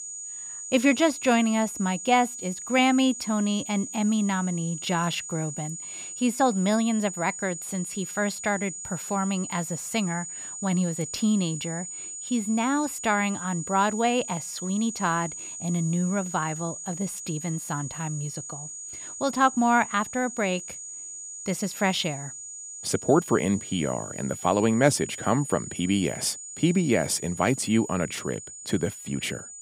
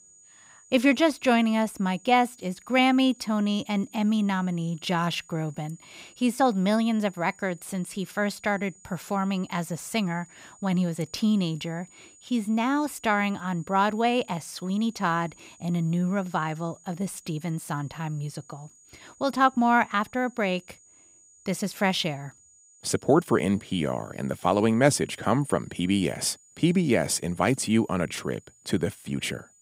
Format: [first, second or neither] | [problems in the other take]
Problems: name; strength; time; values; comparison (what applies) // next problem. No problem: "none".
second | high-pitched whine; loud; throughout; 7 kHz, 9 dB below the speech; faint in the second